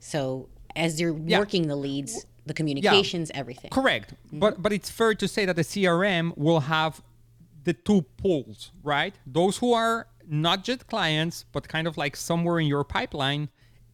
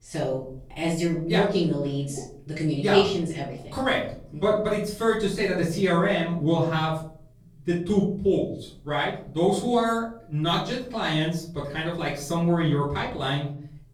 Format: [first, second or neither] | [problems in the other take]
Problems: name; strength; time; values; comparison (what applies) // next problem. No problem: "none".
first | off-mic speech; far // room echo; noticeable; dies away in 0.5 s